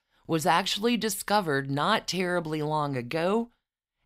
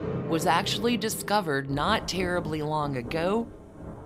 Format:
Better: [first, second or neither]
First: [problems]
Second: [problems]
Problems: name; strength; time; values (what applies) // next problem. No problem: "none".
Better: first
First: none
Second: rain or running water; noticeable; throughout; 10 dB below the speech